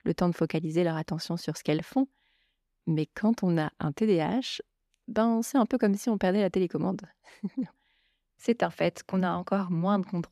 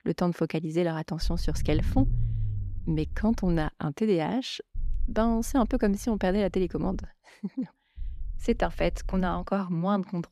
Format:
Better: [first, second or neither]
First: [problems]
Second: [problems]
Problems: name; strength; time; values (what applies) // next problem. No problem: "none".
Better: first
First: none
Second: low rumble; noticeable; from 1 to 3.5 s, from 5 to 7 s and from 8 to 9.5 s; 20 dB below the speech